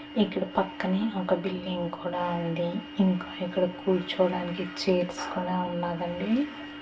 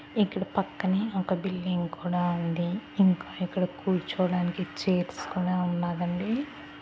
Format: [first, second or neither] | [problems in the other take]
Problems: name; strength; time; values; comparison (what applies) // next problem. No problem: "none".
second | room echo; dies away in 0.2 s